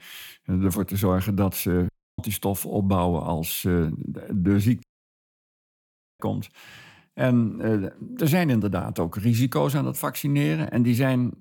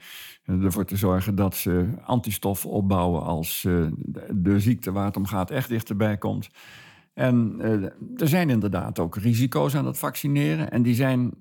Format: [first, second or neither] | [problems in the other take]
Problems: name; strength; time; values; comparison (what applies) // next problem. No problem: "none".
second | audio cutting out; at 2 s and at 5 s for 1.5 s